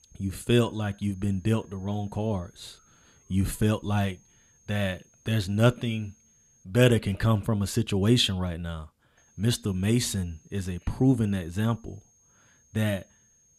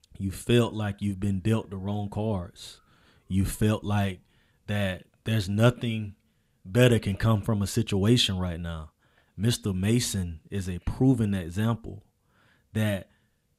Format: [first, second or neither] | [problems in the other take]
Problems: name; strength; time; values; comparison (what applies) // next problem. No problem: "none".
second | high-pitched whine; faint; until 6.5 s and from 9 s on; 6.5 kHz, 35 dB below the speech